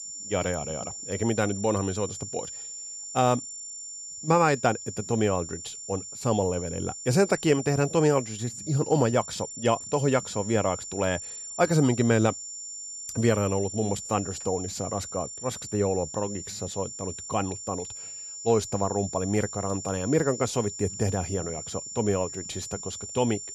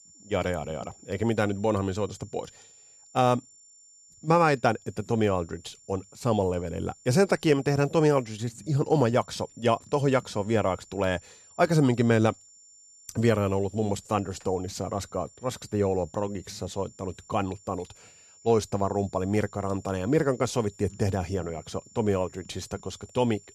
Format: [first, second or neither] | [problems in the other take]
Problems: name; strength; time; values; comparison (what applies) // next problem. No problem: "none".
second | high-pitched whine; loud; throughout; 7 kHz, 9 dB below the speech; faint in the second